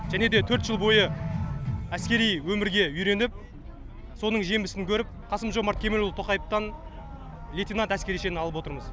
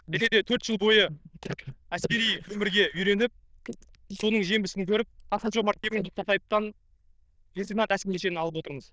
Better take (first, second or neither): first